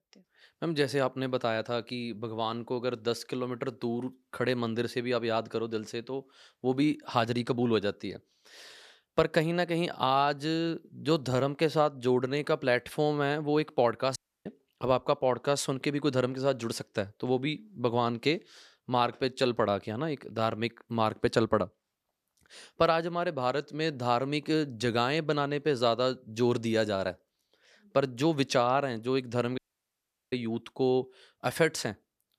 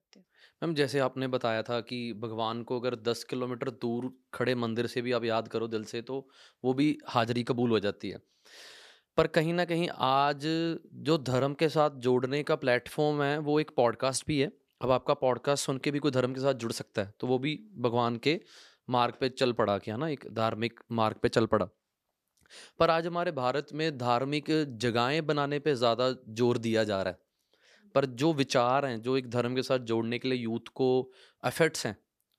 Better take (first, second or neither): second